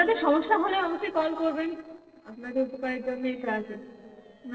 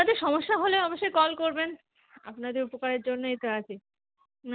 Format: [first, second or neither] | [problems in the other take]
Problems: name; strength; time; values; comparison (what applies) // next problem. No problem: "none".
second | noise reduction (neural separator model SepFormer DNS4)